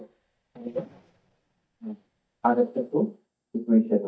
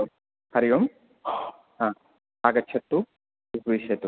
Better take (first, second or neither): second